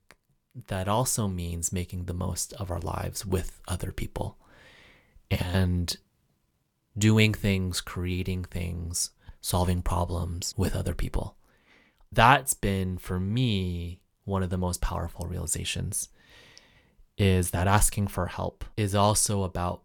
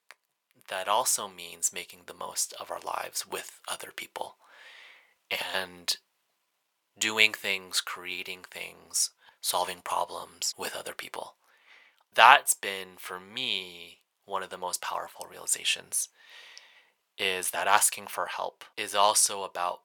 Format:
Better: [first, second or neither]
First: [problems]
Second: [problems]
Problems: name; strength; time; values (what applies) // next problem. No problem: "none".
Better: first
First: none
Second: thin; very; fading below 800 Hz